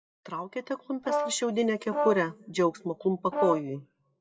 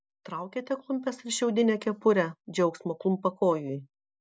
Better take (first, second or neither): second